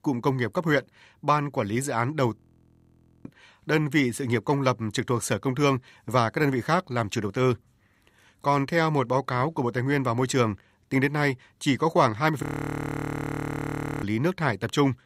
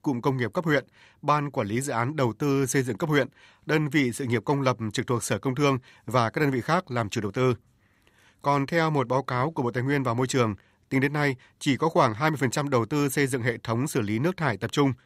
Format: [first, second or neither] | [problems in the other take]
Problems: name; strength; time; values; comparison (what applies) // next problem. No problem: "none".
second | audio freezing; at 2.5 s for 1 s and at 12 s for 1.5 s